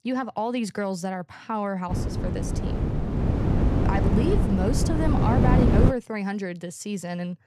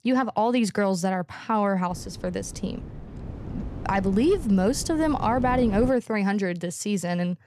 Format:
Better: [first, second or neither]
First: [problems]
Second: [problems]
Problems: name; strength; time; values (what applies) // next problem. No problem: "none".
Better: second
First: wind noise on the microphone; heavy; from 2 to 6 s; 1 dB below the speech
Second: wind noise on the microphone; occasional gusts; from 2 to 6 s; 20 dB below the speech